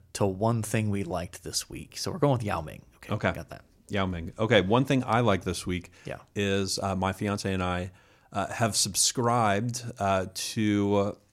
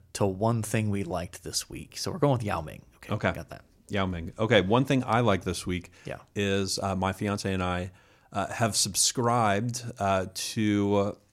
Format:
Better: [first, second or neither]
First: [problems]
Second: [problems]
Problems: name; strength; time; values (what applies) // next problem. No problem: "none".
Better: neither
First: none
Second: none